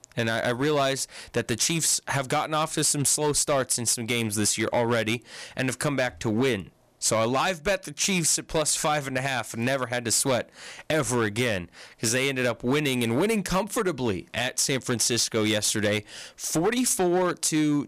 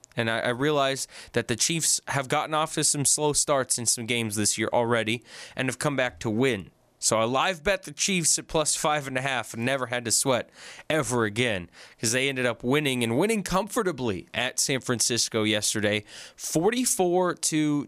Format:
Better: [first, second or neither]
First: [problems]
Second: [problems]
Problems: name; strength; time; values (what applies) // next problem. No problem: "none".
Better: second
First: distortion; slight; 8% of the sound clipped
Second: none